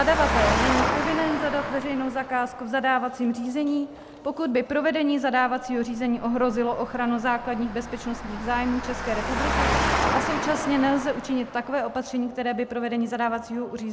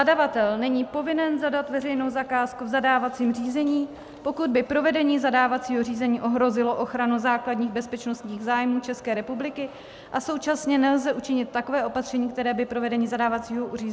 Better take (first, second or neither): second